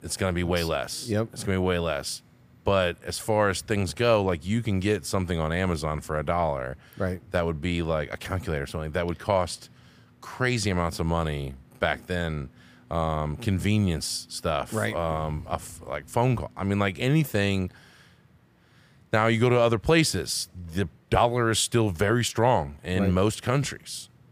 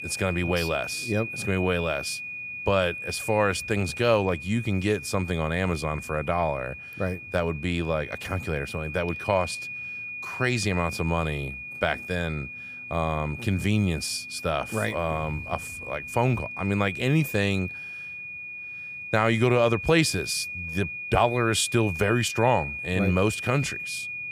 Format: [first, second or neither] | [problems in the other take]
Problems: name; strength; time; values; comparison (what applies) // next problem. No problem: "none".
first | high-pitched whine; loud; throughout; 2.5 kHz, 8 dB below the speech